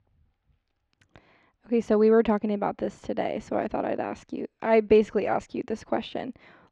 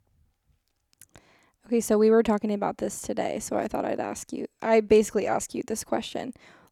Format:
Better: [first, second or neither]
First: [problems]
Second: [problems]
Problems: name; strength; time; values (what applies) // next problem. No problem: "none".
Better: second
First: muffled; slightly; fading above 3.5 kHz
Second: none